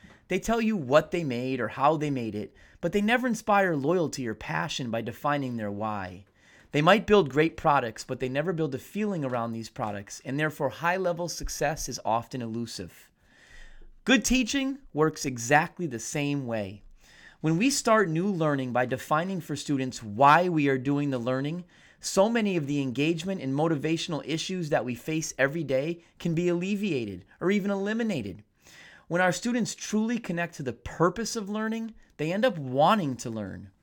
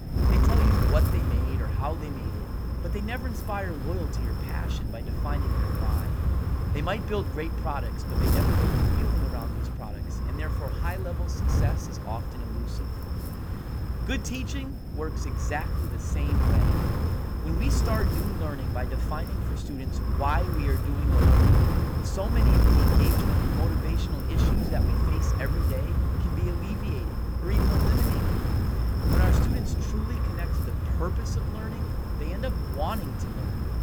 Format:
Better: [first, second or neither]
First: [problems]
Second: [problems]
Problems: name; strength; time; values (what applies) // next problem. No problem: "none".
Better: first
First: none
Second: wind noise on the microphone; heavy; 1 dB above the speech